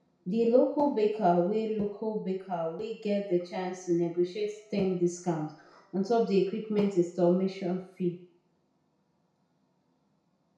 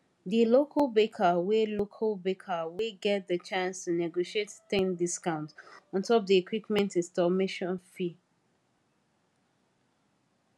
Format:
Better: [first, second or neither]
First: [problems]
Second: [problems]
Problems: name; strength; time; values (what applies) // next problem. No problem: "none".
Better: second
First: room echo; dies away in 0.6 s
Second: none